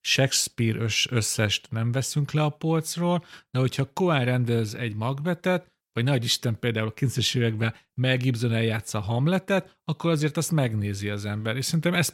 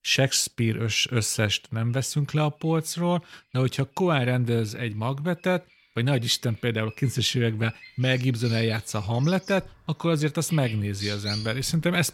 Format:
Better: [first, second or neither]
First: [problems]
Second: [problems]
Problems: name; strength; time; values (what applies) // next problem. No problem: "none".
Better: first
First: none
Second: animal sounds; noticeable; throughout; 15 dB below the speech